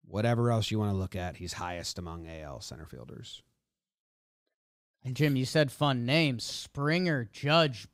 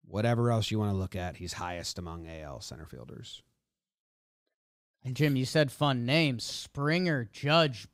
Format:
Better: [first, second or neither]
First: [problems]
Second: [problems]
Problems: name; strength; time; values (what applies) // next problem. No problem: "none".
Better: neither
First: none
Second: none